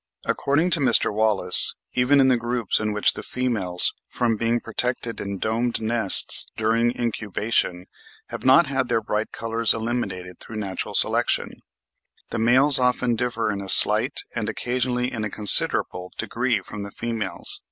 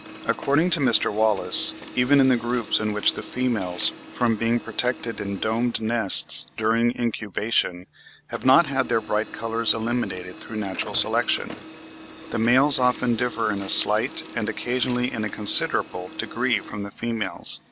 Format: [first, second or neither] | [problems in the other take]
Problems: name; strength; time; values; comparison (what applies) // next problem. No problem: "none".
first | background sound (Printer); 16 dB below the speech